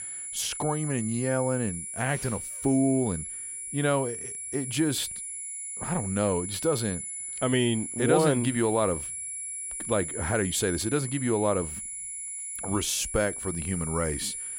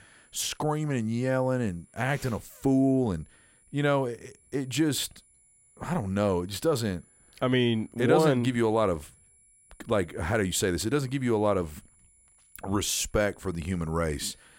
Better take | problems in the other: second | high-pitched whine; loud; throughout; 10.5 kHz, 5 dB below the speech; faint in the second

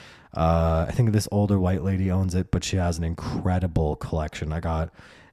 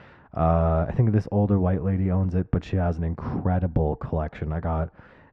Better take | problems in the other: first | muffled; very; fading above 1.5 kHz

